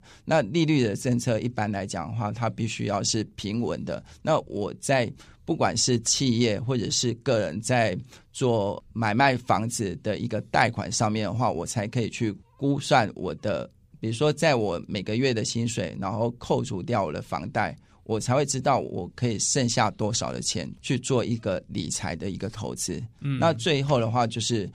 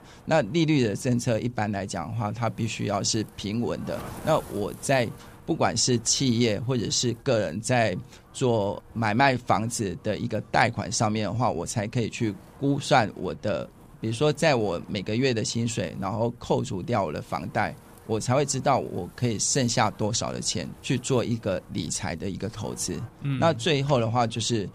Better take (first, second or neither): first